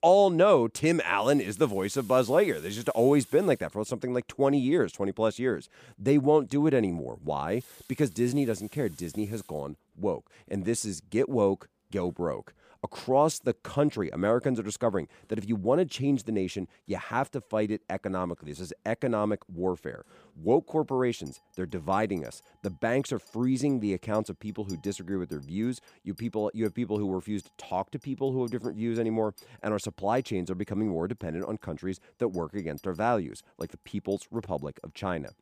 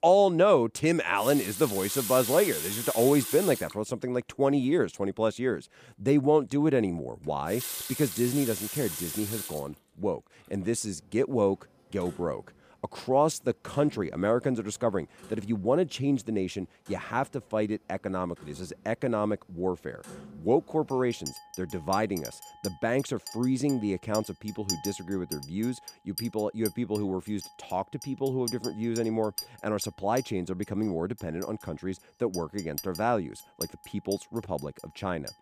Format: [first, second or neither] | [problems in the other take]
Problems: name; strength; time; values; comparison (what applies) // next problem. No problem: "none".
first | household noises; loud; throughout; 8 dB below the speech; faint in the first